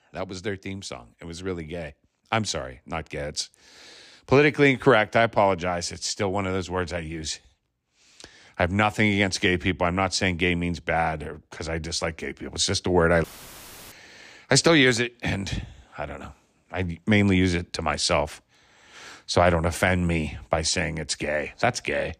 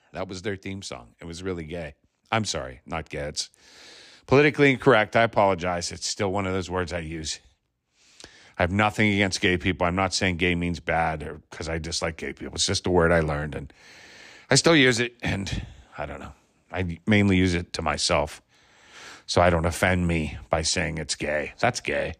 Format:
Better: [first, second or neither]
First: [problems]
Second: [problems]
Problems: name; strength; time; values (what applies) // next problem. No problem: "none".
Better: second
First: audio cutting out; filled with static; at 13 s for 0.5 s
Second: none